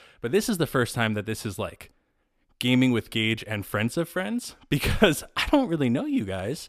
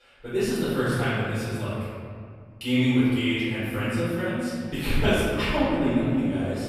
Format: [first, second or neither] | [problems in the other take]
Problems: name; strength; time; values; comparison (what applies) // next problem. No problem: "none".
first | off-mic speech; far // room echo; strong; dies away in 2.1 s